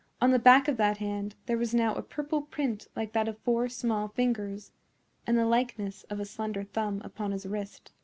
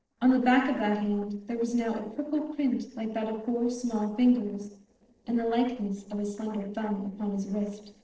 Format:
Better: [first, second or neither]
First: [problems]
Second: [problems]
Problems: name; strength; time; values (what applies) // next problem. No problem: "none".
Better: first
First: none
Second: noise reduction (neural separator model SepFormer DNS4)